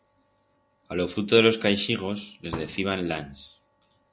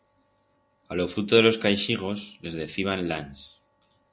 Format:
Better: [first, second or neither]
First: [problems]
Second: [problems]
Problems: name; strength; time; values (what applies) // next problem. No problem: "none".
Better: second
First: background sound (Fireworks); 15 dB below the speech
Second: none